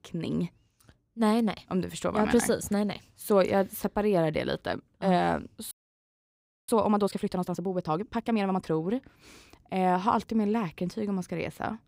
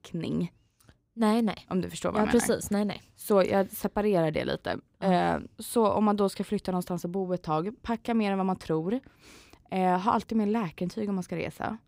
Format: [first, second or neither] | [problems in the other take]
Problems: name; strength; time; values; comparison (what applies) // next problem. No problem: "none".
second | audio freezing; at 5.5 s for 1 s